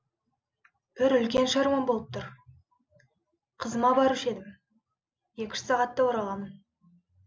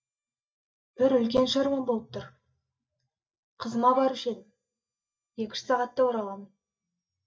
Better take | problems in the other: first | noise reduction (neural mask model DeepFilterNet 3)

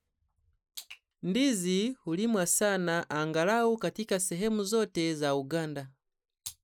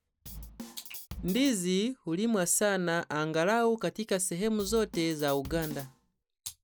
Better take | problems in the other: first | background sound (Drum kit); 14 dB below the speech

